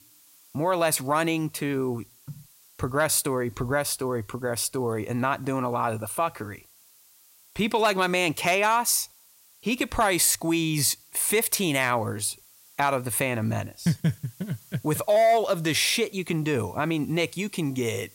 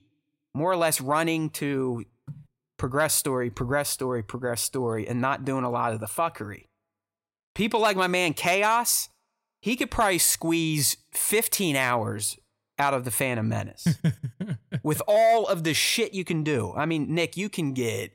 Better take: second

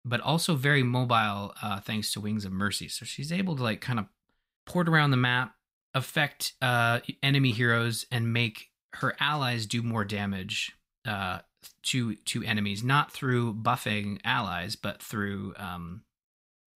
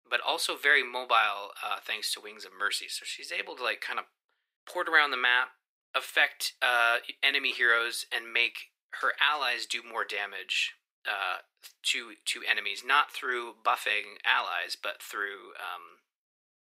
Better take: first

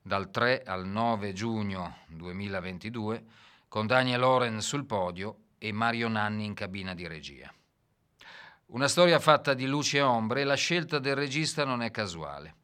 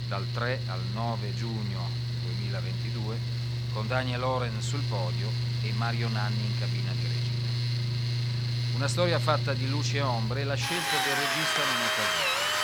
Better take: first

